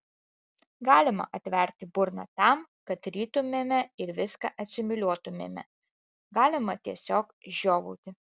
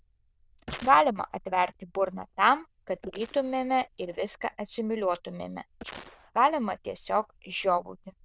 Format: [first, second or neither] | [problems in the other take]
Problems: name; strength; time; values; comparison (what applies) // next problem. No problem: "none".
first | noise reduction (neural diffusion model UNIVERSE++)